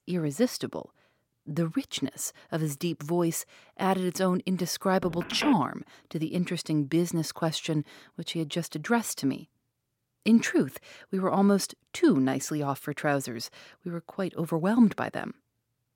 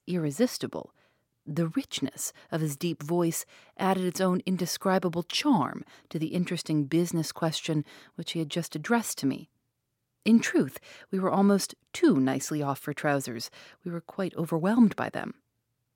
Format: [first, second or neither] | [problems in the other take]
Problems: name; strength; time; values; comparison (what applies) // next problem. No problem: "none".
second | phone ringing; noticeable; at 5 s; peak 6 dB below the speech